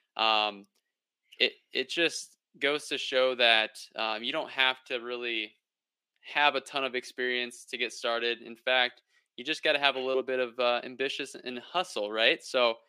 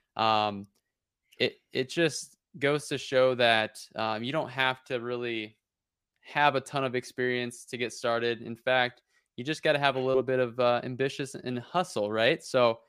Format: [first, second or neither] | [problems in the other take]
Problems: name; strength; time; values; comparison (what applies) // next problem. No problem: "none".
second | thin; very slightly; fading below 250 Hz